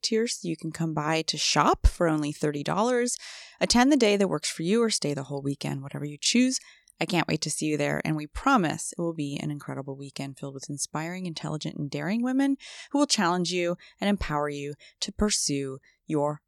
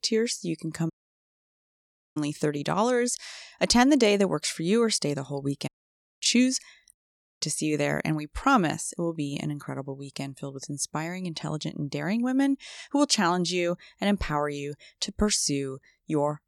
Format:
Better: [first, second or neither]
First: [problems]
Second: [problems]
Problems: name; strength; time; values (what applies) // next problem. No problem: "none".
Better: first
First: none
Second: audio cutting out; at 1 s for 1.5 s, at 5.5 s for 0.5 s and at 7 s